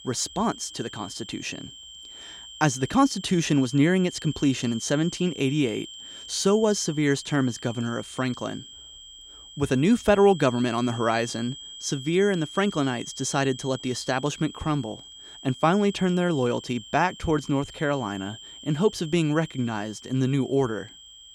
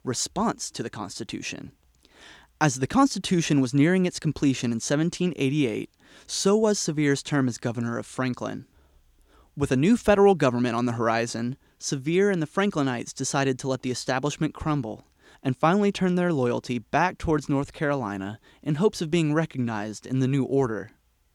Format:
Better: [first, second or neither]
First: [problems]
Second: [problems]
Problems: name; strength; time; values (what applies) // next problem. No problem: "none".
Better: second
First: high-pitched whine; noticeable; throughout; 3 kHz, 15 dB below the speech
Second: none